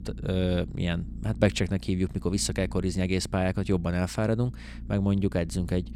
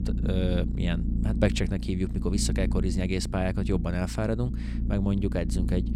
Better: first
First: low rumble; faint; throughout; 20 dB below the speech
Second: low rumble; loud; throughout; 9 dB below the speech

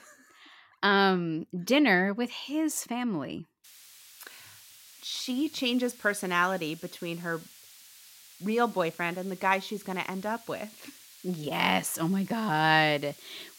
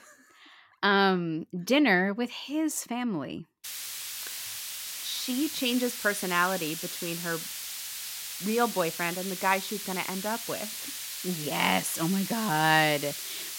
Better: first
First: hiss; faint; from 3.5 s on; 20 dB below the speech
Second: hiss; loud; from 3.5 s on; 6 dB below the speech

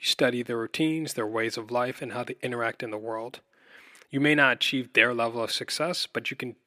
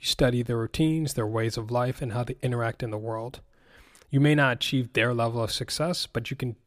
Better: second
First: thin; very slightly; fading below 250 Hz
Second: none

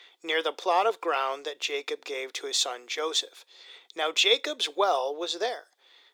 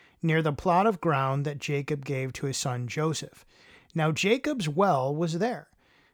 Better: second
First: thin; very; fading below 350 Hz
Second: none

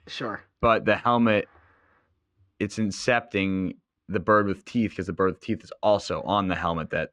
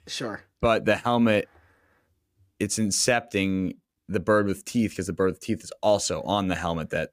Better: second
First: muffled; slightly; fading above 3 kHz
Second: none

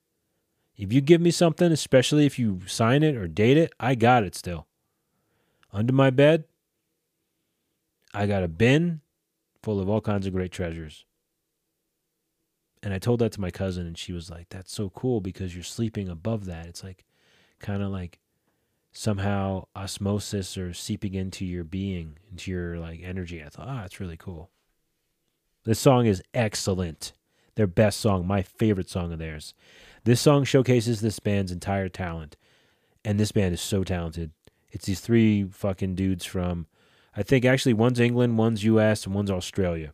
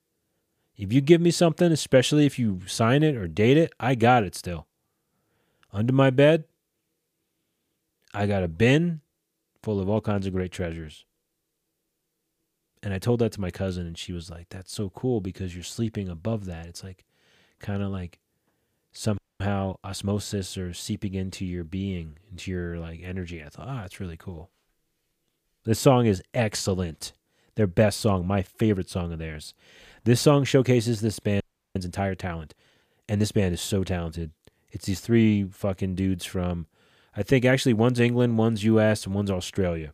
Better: first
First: none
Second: audio freezing; at 19 s and at 31 s

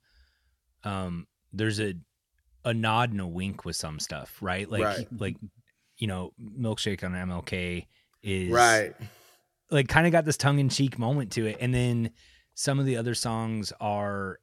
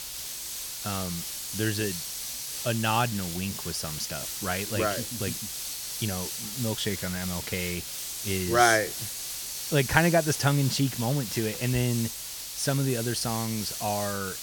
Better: first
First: none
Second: hiss; loud; throughout; 5 dB below the speech

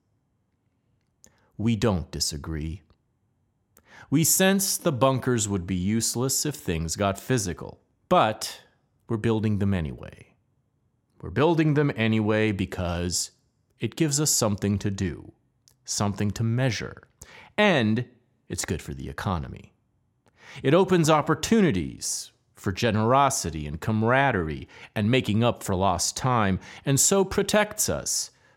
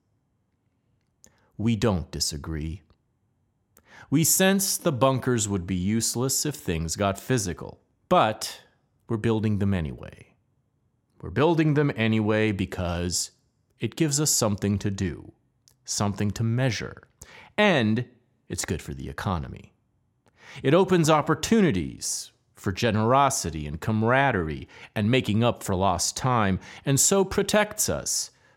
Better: neither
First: none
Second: none

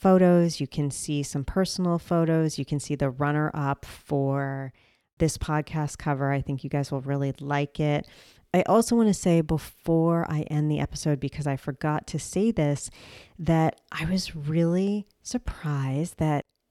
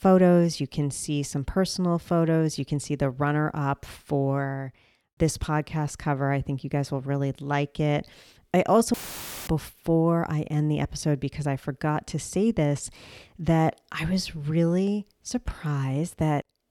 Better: first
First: none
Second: audio cutting out; filled with static; at 9 s for 0.5 s

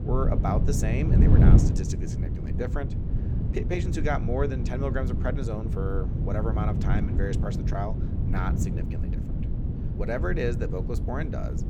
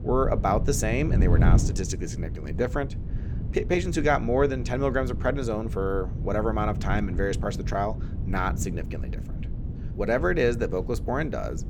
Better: second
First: wind noise on the microphone; heavy; 4 dB below the speech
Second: wind noise on the microphone; occasional gusts; 15 dB below the speech

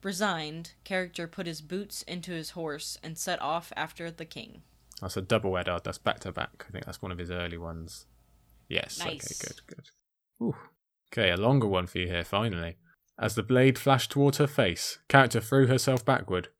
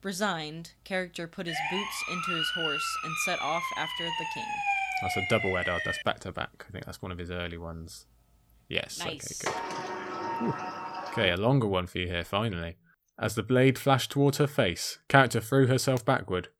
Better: first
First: none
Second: siren; loud; from 1.5 to 6 s; peak 1 dB above the speech // door banging; noticeable; from 9.5 to 11 s; peak 4 dB below the speech

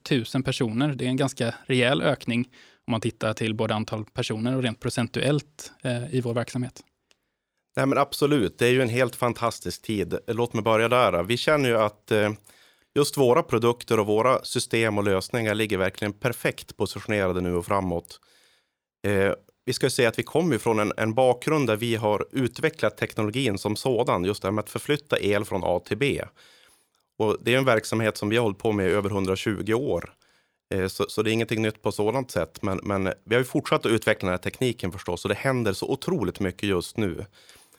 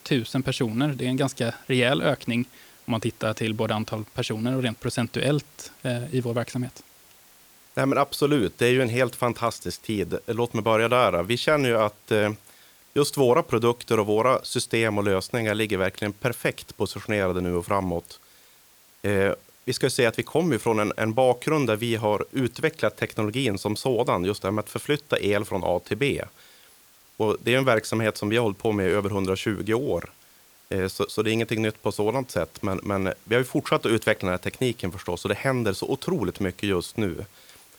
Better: first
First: none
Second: hiss; faint; throughout; 25 dB below the speech

